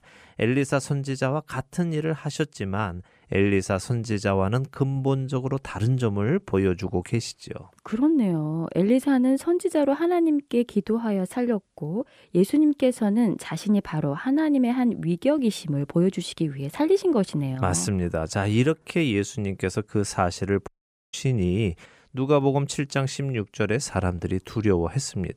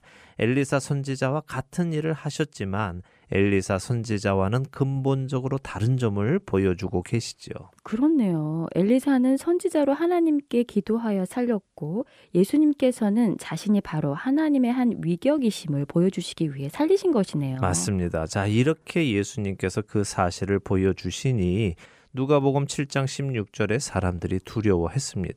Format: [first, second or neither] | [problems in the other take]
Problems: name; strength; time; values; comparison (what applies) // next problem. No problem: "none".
second | audio cutting out; at 21 s